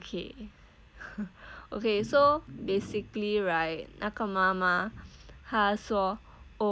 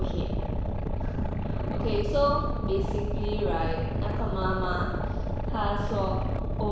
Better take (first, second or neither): first